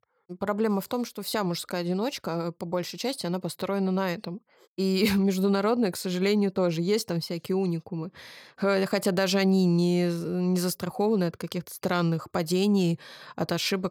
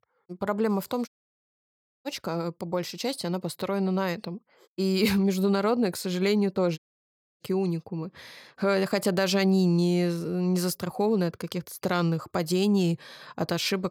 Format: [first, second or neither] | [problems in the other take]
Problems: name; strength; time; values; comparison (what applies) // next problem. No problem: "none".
first | audio cutting out; at 1 s for 1 s and at 7 s for 0.5 s